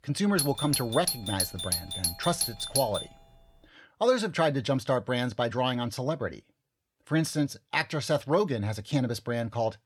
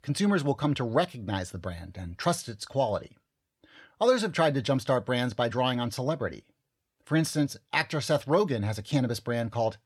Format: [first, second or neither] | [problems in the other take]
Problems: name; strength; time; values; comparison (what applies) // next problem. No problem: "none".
second | doorbell; loud; until 3 s; peak 1 dB above the speech